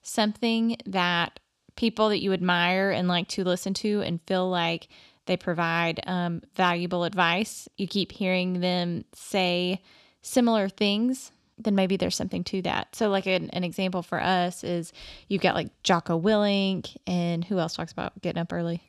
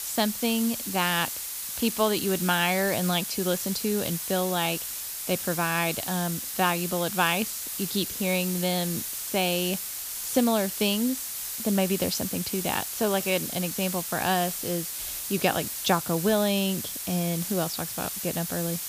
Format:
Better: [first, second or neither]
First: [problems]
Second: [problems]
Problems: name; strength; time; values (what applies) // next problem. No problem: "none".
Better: first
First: none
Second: hiss; loud; throughout; 4 dB below the speech